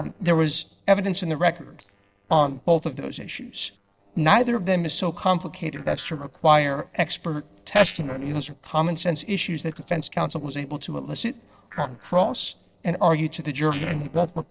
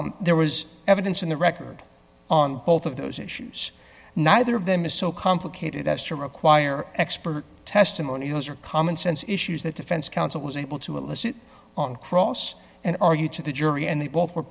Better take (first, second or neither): second